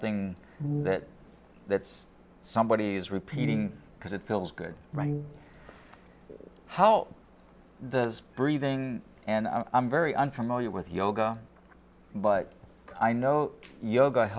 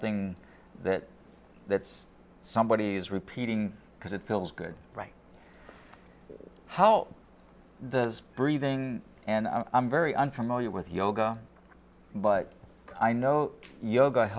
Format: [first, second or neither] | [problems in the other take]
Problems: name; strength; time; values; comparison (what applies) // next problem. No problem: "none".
second | background sound (Brass instrument); 5 dB below the speech